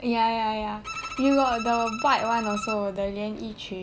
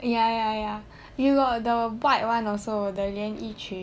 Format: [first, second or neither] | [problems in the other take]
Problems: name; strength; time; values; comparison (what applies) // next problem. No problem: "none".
second | background sound (Bowed string instrument); 10 dB below the speech